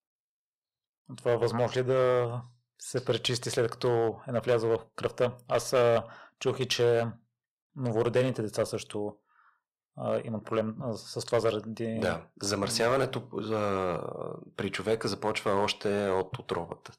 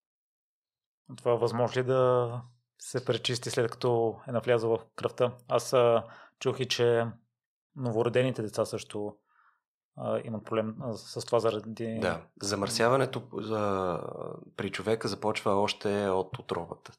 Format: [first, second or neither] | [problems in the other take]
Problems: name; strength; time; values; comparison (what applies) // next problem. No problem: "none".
second | distortion; slight; 3% of the sound clipped